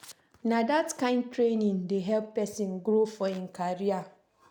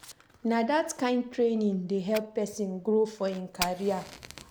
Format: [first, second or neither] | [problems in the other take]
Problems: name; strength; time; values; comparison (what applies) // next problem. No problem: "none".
first | background sound (Fire); 16 dB below the speech